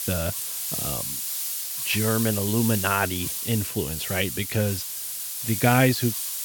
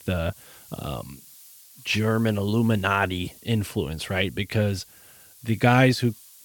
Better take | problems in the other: second | hiss; loud; throughout; 2 dB below the speech; faint in the second

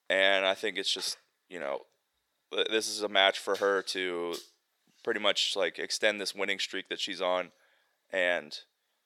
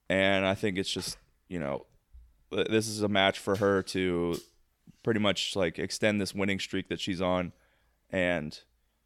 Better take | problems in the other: second | thin; somewhat; fading below 500 Hz

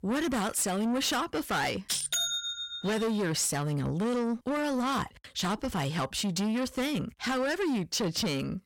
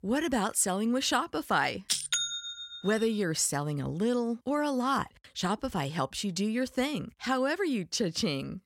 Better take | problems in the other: second | distortion; heavy; 7 dB below the speech

